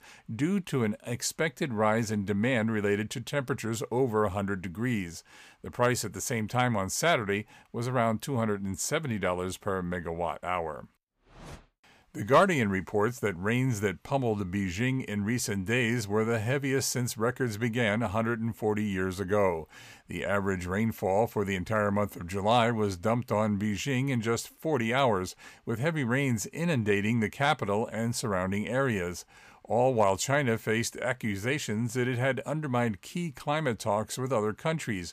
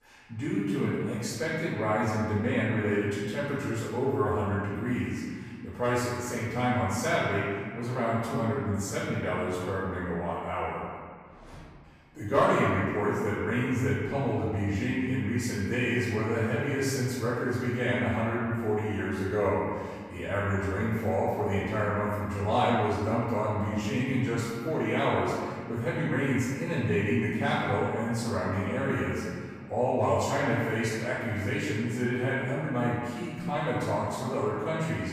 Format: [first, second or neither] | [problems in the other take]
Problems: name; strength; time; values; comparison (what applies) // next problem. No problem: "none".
first | room echo; strong; dies away in 1.9 s // off-mic speech; far